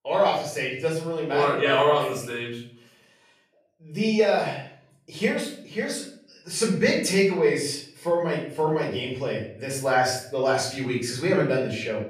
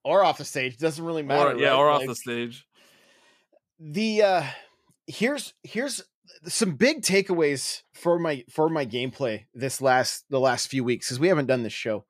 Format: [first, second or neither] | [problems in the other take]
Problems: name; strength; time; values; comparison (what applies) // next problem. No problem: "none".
second | off-mic speech; far // room echo; noticeable; dies away in 0.5 s